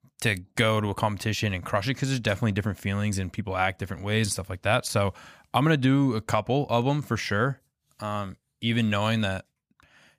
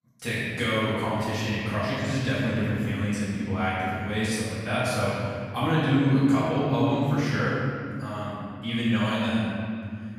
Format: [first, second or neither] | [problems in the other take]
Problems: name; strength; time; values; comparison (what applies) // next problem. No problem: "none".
first | room echo; strong; dies away in 2.3 s // off-mic speech; far